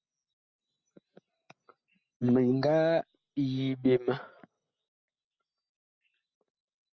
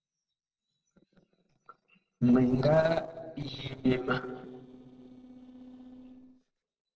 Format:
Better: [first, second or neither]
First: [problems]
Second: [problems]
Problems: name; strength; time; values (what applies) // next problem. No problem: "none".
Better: first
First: none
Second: noise reduction (neural separator model SepFormer DNS4)